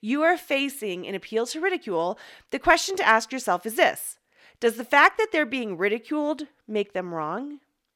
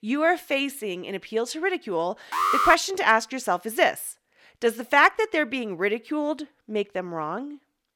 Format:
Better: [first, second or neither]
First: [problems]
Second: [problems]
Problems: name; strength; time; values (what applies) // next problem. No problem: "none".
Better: first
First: none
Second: alarm; loud; at 2.5 s; peak 3 dB above the speech